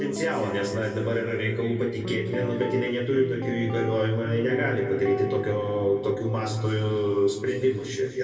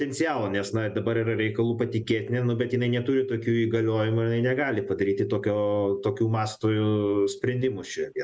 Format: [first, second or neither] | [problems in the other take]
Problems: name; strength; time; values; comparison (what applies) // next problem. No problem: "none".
second | background sound (Guitar); 11 dB below the speech // room echo; dies away in 2.1 s